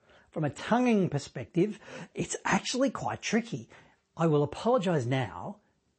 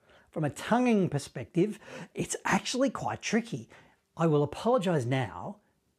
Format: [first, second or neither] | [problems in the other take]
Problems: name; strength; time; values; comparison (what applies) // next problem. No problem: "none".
second | garbled, watery; slightly; nothing above 8 kHz